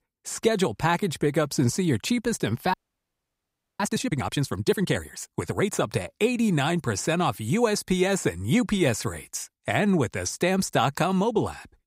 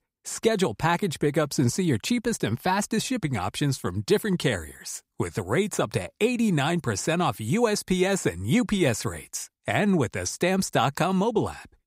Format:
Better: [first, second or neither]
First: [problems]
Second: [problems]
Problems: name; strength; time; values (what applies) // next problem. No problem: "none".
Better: second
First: audio freezing; at 2.5 s for 1 s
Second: none